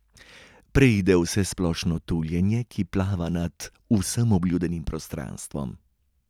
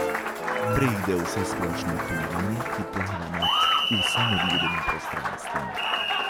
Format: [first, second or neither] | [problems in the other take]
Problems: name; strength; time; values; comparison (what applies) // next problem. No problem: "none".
first | background sound (Applause); 5 dB above the speech